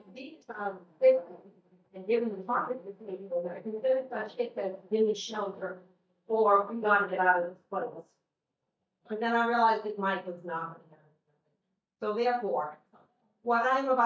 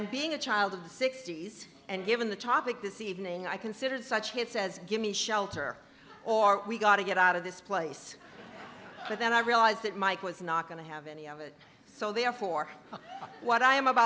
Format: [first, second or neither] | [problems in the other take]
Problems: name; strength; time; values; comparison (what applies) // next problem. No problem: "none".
second | noise reduction (neural mask model DeepFilterNet 3)